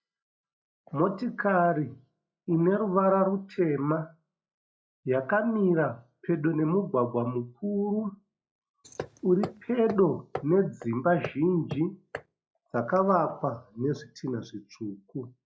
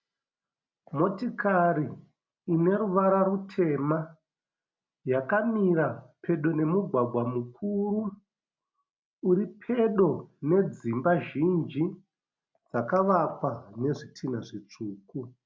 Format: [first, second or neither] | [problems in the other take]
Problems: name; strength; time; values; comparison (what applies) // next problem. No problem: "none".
second | noise reduction (classical method log-MMSE)